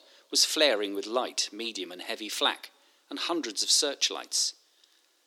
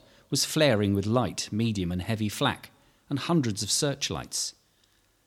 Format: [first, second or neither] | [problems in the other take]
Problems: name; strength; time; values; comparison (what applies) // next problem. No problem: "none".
second | thin; somewhat; fading below 300 Hz